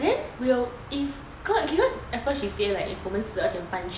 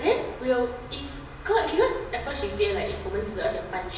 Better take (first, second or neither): first